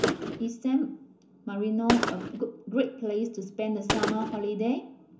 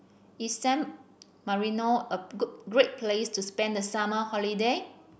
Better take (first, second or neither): second